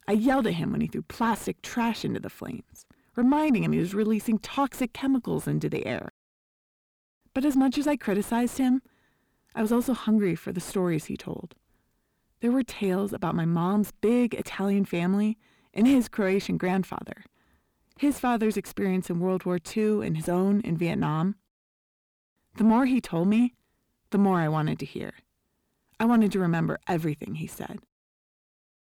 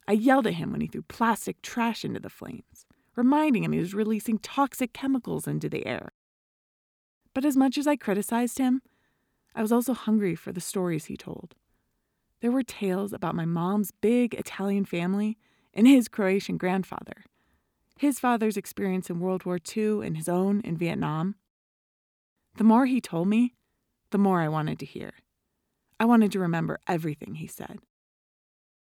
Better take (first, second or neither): second